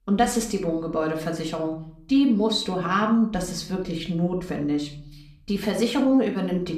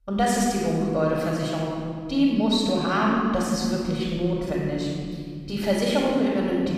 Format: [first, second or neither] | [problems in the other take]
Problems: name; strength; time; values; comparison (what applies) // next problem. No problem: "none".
first | room echo; strong; dies away in 2.7 s; slight in the first // off-mic speech; far; somewhat distant in the first